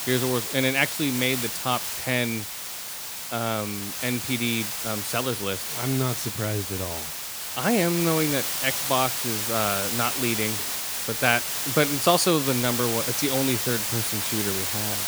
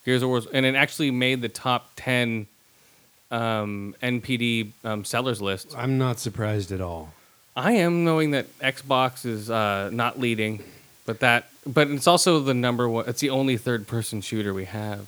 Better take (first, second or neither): second